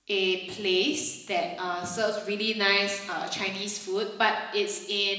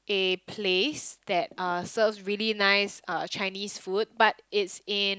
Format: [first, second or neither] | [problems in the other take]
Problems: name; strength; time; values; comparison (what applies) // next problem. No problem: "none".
second | room echo; dies away in 1 s